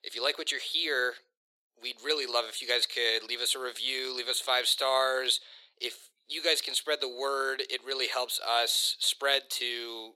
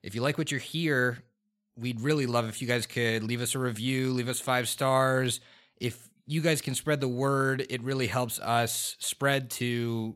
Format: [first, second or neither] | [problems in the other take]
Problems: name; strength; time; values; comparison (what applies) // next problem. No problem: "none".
second | thin; very; fading below 400 Hz